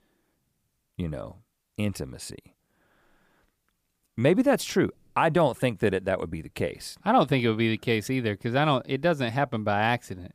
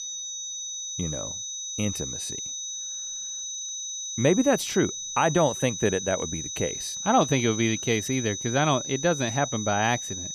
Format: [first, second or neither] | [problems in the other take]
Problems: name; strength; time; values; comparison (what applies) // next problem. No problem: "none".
first | high-pitched whine; loud; throughout; 6 kHz, 5 dB below the speech